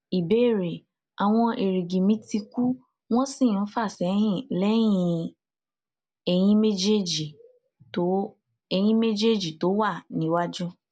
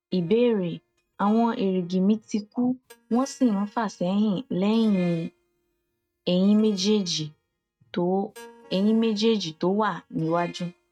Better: first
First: none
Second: noise reduction (neural mask model RNNoise)

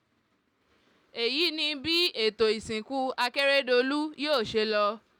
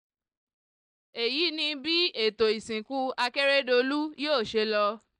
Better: first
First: none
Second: noise reduction (neural mask model DeepFilterNet 3)

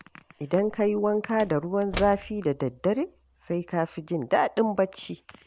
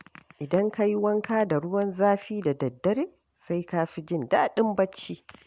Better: second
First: background sound (Slam / Wood); 18 dB below the speech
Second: none

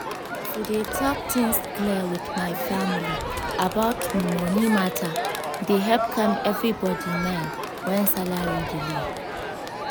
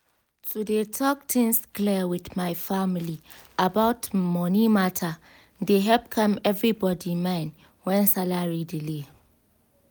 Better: second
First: background sound (Crowd); 3 dB below the speech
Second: none

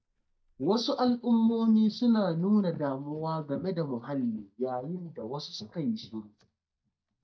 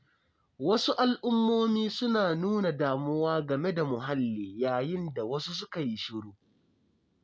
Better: second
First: noise reduction (neural mask model DeepFilterNet 3)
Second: none

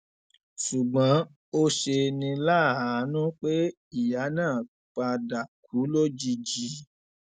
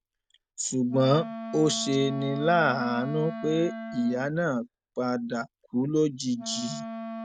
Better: first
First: none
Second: background sound (Wind instrument, woodwind instrument); 11 dB below the speech

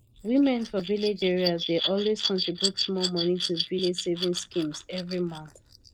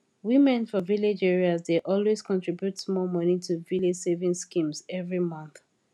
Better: second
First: noise reduction (neural mask model Resemble Enhance denoiser)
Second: none

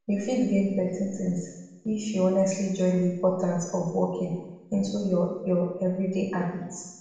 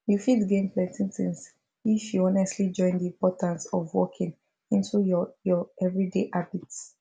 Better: second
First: room echo; dies away in 0.9 s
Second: none

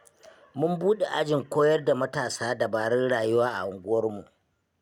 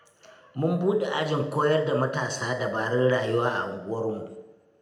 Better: first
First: none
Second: room echo; dies away in 0.7 s

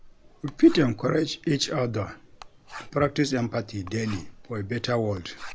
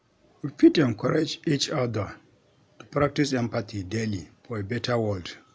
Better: second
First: background sound (Writing); 16 dB below the speech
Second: none

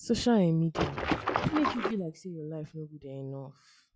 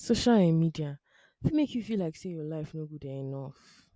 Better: second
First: noise reduction (classical method log-MMSE)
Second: none

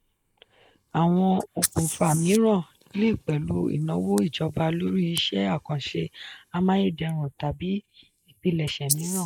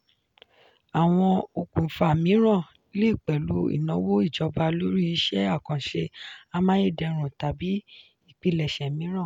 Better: second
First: noise reduction (neural mask model Resemble Enhance denoiser)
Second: none

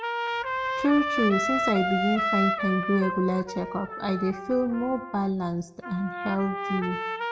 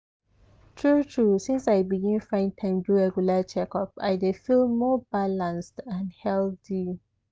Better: second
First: background sound (Trumpet); 3 dB below the speech // room echo; dies away in 0.4 s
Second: none

